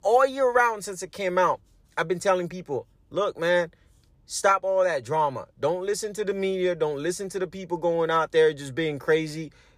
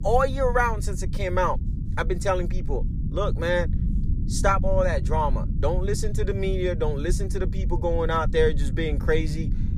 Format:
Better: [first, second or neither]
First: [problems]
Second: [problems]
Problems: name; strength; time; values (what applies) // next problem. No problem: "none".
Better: first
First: none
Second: low rumble; noticeable; throughout; 15 dB below the speech